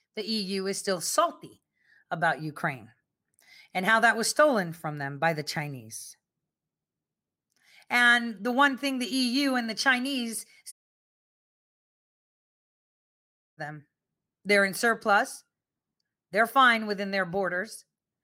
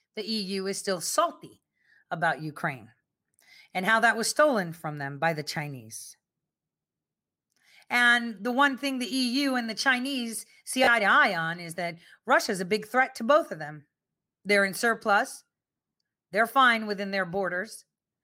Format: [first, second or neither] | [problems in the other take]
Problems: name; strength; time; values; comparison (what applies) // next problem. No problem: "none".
second | audio cutting out; at 11 s for 3 s